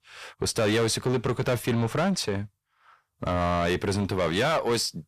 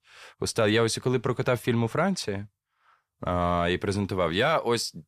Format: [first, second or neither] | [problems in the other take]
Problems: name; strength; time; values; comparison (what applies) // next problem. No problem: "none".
second | distortion; slight; 10 dB below the speech